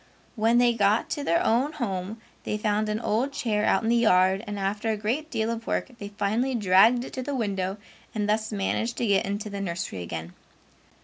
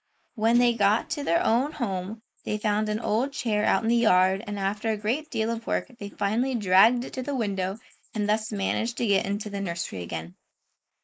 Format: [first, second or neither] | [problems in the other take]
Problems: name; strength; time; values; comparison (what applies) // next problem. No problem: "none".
first | noise reduction (neural mask model Resemble Enhance denoiser)